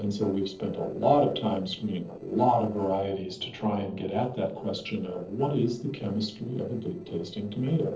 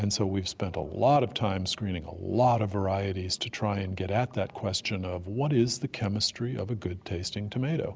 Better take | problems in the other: second | noise reduction (neural separator model SepFormer DNS4)

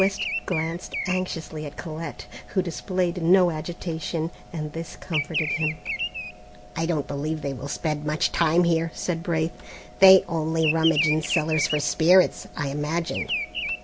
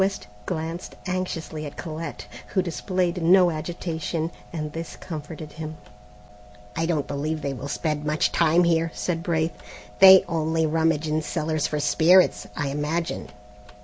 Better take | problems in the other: second | background sound (Bird vocalization, bird call, bird song); 9 dB below the speech

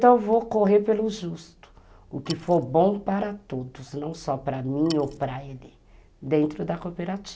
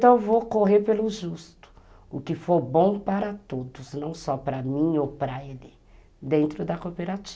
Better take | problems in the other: second | background sound (Wood); 18 dB below the speech

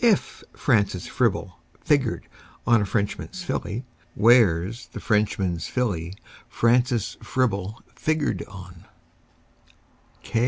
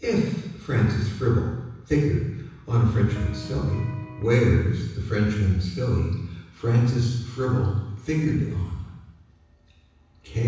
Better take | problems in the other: first | background sound (Electric guitar); 17 dB below the speech // room echo; dies away in 1.1 s

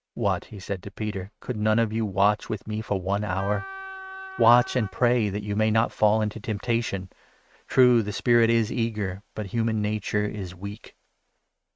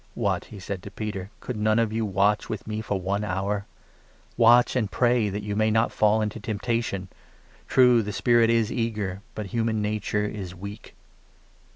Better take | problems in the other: second | noise reduction (neural mask model RNNoise)

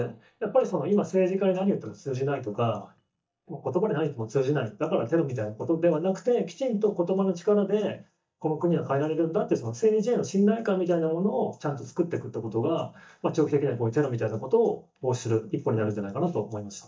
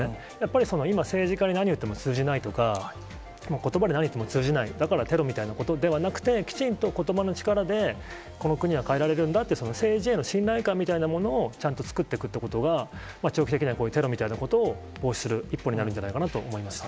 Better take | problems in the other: second | noise reduction (neural mask model DeepFilterNet 3)

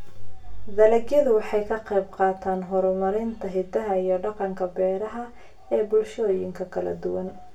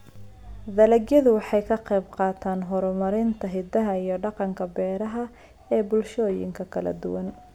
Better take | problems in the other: second | room echo; dies away in 0.2 s

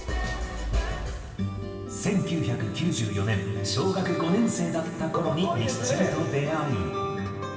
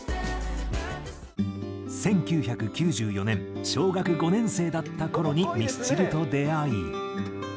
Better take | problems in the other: second | room echo; dies away in 2.6 s

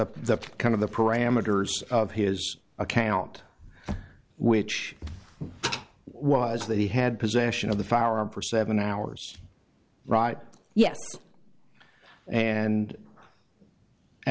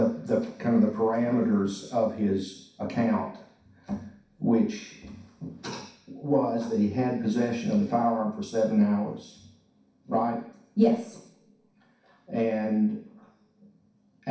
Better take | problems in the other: first | room echo; dies away in 0.6 s

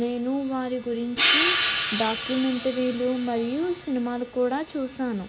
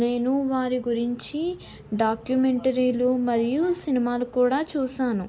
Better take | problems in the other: second | background sound (Hi-hat); 3 dB below the speech

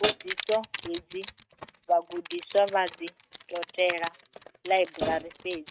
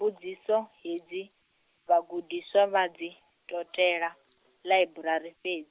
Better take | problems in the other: second | noise reduction (neural mask model RNNoise)

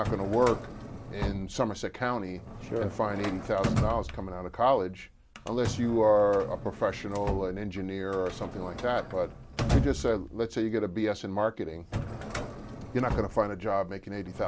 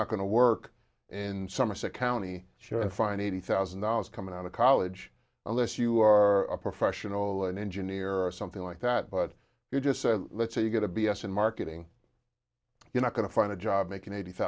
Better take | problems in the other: second | background sound (Drawer open or close); 6 dB below the speech

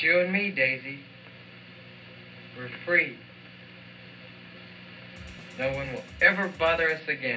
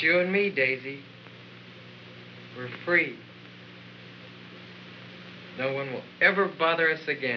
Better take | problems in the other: second | background sound (Drum kit); 18 dB below the speech // room echo; dies away in 0.4 s

